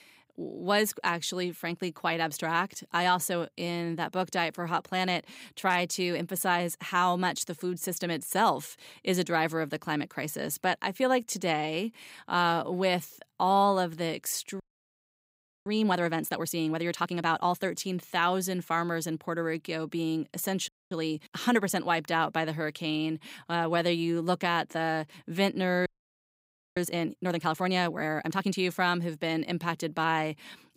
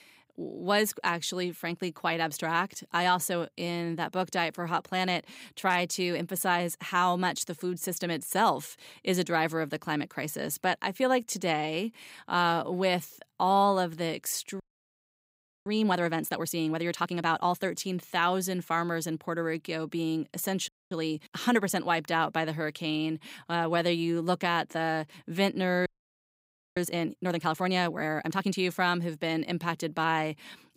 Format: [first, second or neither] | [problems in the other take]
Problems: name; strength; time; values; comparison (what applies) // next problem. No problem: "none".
neither | audio freezing; at 15 s for 1 s, at 21 s and at 26 s for 1 s; the same in both